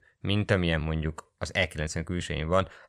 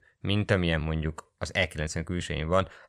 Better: neither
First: none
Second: none

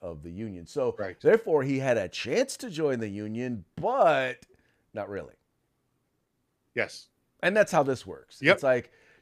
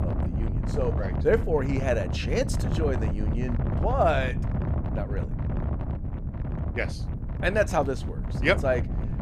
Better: first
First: none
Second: wind noise on the microphone; occasional gusts; 10 dB below the speech

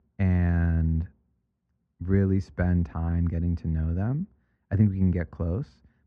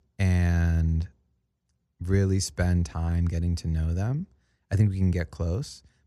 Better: second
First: muffled; very; fading above 1.5 kHz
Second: none

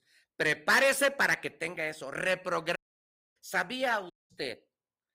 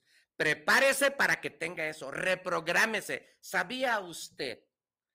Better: second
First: audio cutting out; at 3 s for 0.5 s and at 4 s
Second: none

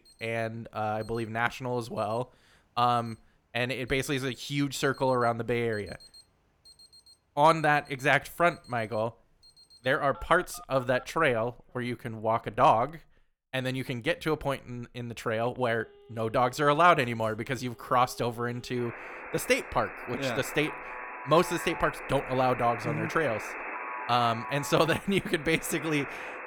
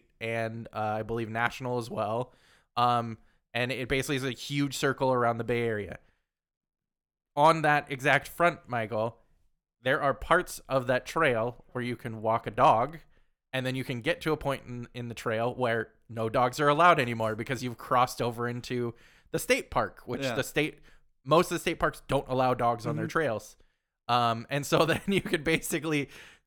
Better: second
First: alarms or sirens; noticeable; throughout; 10 dB below the speech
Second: none

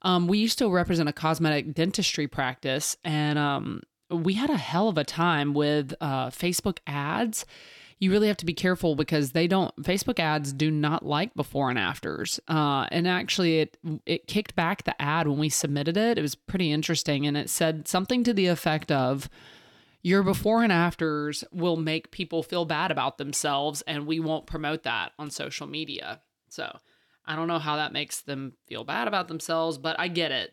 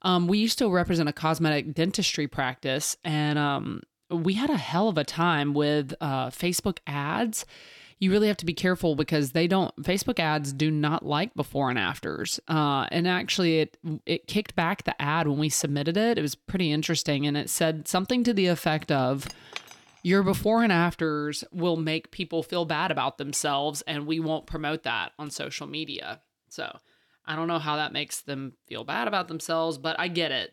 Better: first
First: none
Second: clattering dishes; faint; at 19 s; peak 10 dB below the speech

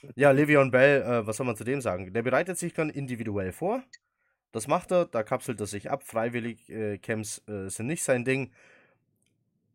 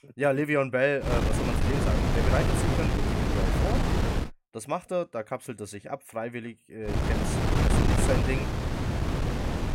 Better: first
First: none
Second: wind noise on the microphone; heavy; from 1 to 4 s and from 7 s on; as loud as the speech

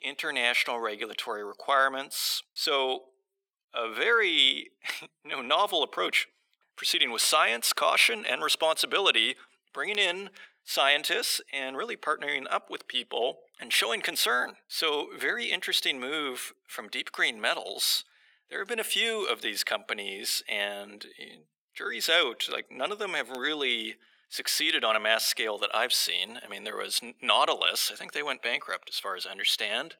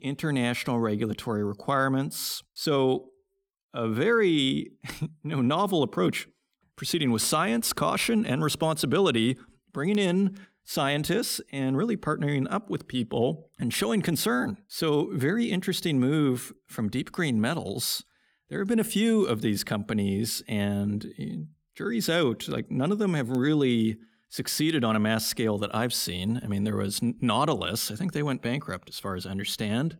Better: second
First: thin; very; fading below 500 Hz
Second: none

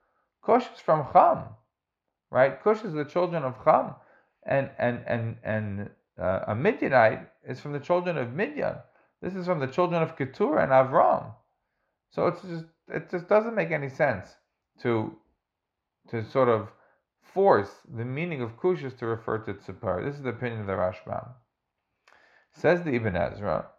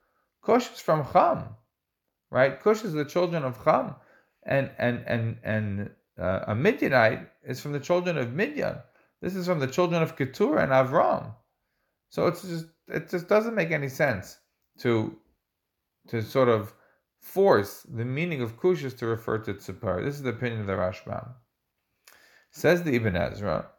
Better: second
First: muffled; slightly; fading above 3.5 kHz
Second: none

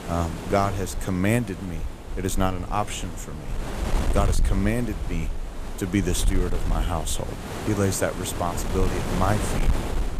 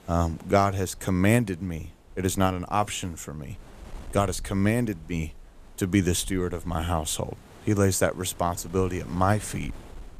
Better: second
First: wind noise on the microphone; heavy; 7 dB below the speech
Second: wind noise on the microphone; occasional gusts; 25 dB below the speech

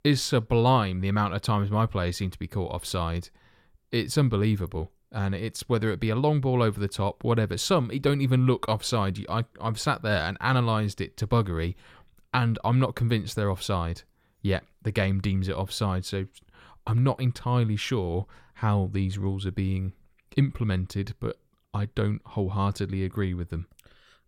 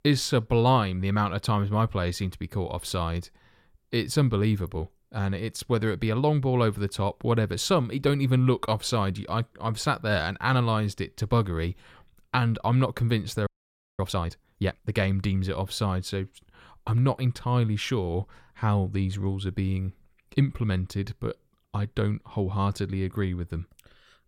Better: first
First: none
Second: audio freezing; at 13 s for 0.5 s

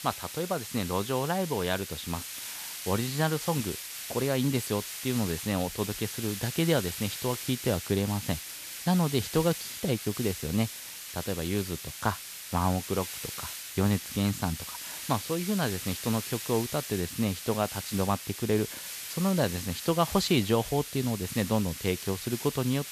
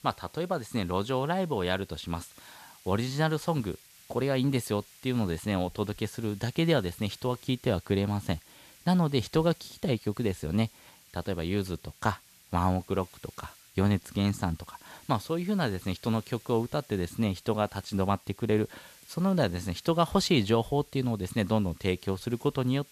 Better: second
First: hiss; loud; throughout; 7 dB below the speech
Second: hiss; faint; throughout; 25 dB below the speech

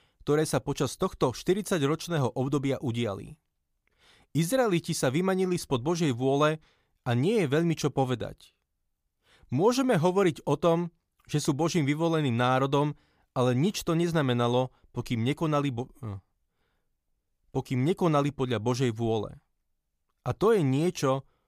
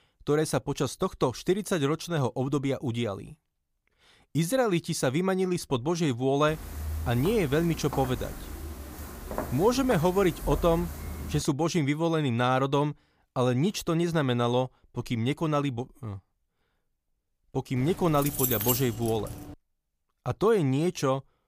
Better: first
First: none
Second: footsteps; noticeable; from 6.5 to 11 s; peak 8 dB below the speech // jangling keys; loud; from 18 to 20 s; peak 2 dB above the speech

